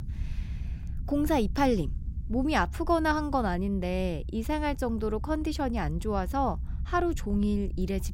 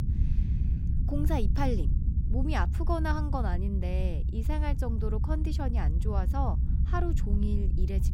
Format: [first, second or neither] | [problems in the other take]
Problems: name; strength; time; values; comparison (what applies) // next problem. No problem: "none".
first | low rumble; loud; throughout; 9 dB below the speech; faint in the first